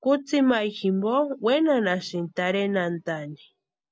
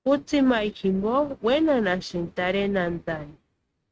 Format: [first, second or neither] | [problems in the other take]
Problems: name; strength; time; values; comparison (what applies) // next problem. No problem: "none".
first | noise reduction (neural mask model RNNoise)